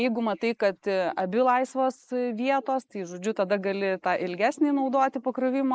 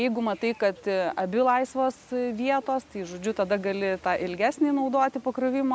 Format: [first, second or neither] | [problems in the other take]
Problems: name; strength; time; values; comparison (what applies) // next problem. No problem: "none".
second | noise reduction (neural mask model Resemble Enhance denoiser)